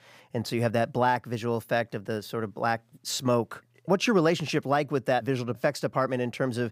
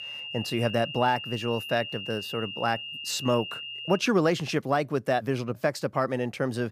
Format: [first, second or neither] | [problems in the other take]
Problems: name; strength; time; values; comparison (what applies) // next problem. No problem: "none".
first | high-pitched whine; loud; until 4 s; 3 kHz, 8 dB below the speech